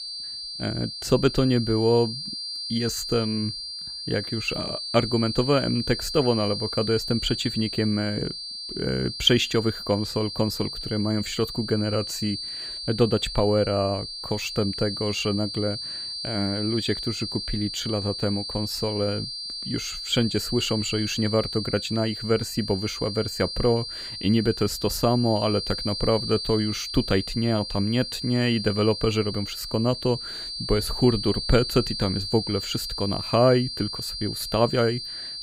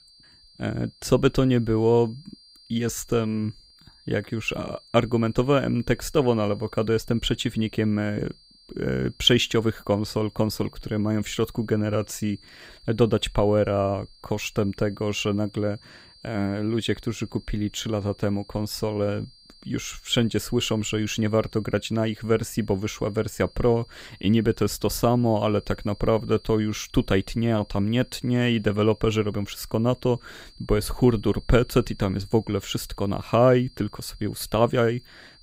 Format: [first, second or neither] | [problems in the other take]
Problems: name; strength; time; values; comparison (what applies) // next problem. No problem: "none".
second | high-pitched whine; loud; throughout; 4.5 kHz, 5 dB below the speech; faint in the second